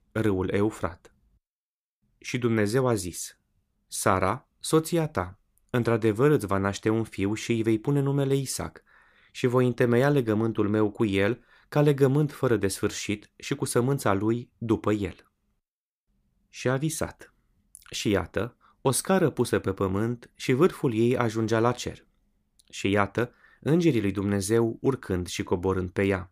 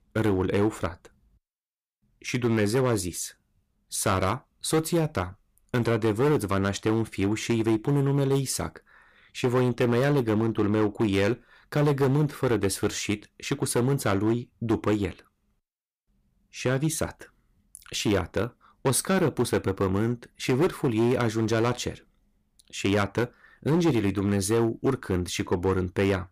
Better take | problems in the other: first | distortion; slight; 7% of the sound clipped

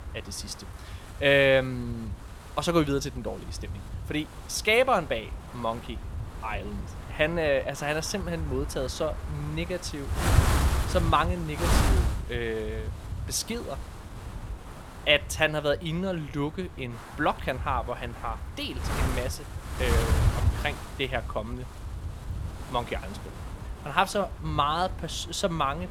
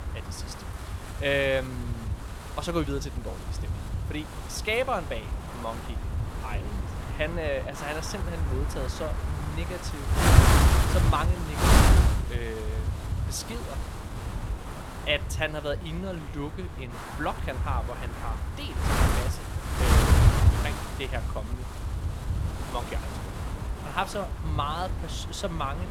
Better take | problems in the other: first | wind noise on the microphone; heavy; 1 dB below the speech; occasional gusts in the first

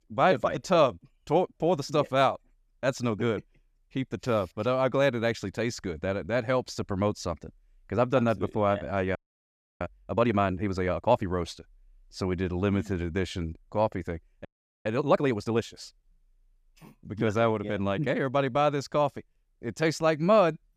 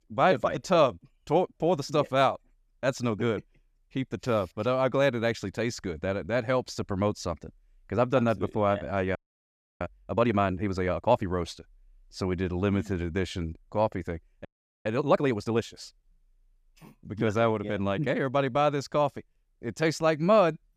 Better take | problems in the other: neither | audio freezing; at 9 s for 0.5 s and at 14 s; the same in both

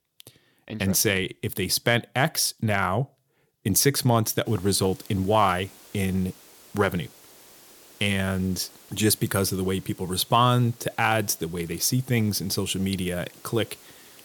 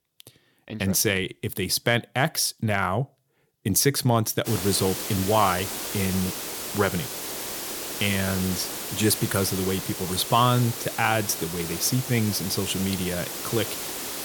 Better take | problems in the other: first | hiss; loud; from 4.5 s on; 6 dB below the speech; faint in the first

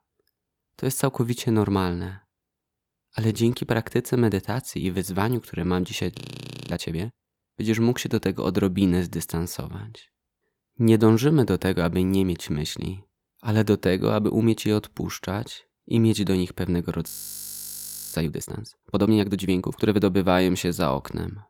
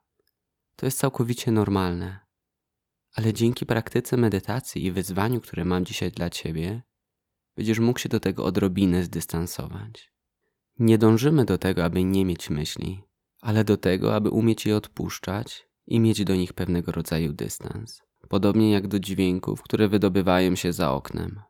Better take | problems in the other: second | audio freezing; at 6 s for 0.5 s and at 17 s for 1 s

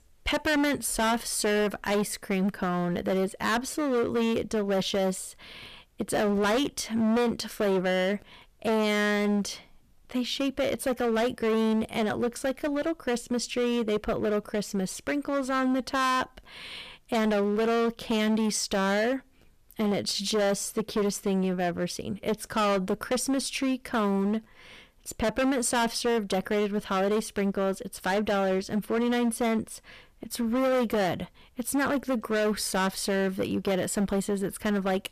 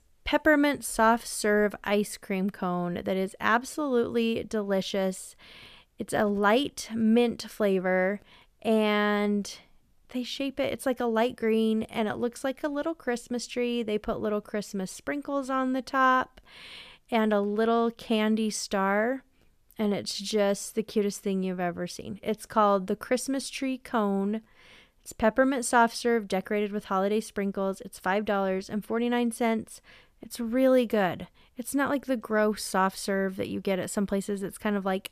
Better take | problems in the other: second | distortion; heavy; 17% of the sound clipped

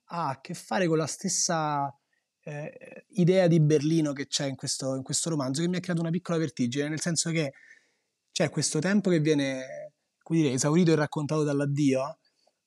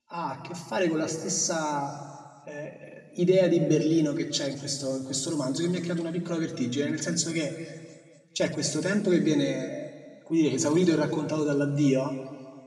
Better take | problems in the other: first | room echo; noticeable; dies away in 1.7 s // off-mic speech; far

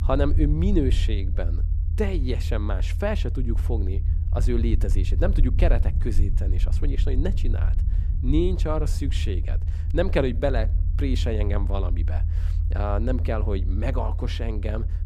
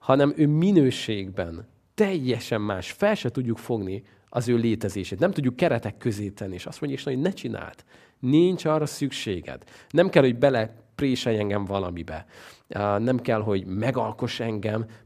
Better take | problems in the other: second | low rumble; noticeable; throughout; 15 dB below the speech

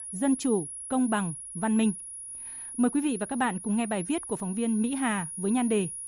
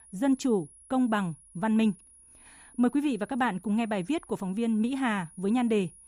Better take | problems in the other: second | high-pitched whine; loud; throughout; 10.5 kHz, 9 dB below the speech; faint in the second

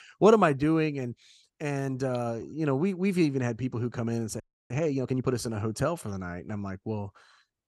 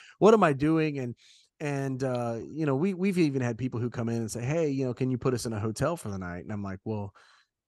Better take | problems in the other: second | audio freezing; at 4.5 s

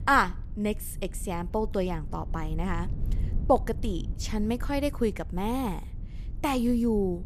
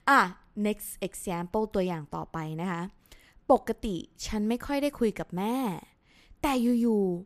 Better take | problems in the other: second | low rumble; faint; throughout; 20 dB below the speech

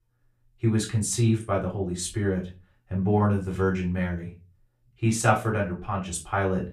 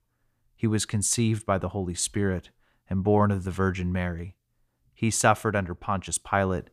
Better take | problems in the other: second | off-mic speech; far // room echo; very slight; dies away in 0.3 s

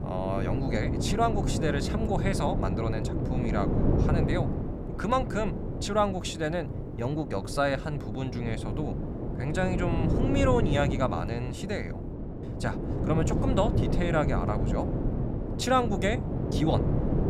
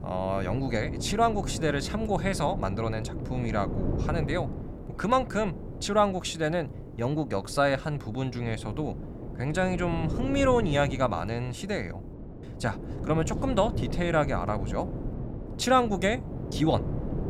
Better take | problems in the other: second | wind noise on the microphone; heavy; 6 dB below the speech; occasional gusts in the second

